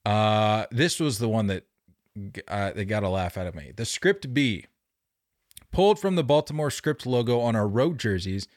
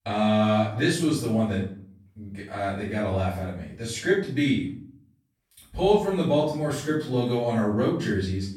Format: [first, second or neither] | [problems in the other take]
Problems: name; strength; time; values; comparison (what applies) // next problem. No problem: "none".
first | off-mic speech; far // room echo; noticeable; dies away in 0.5 s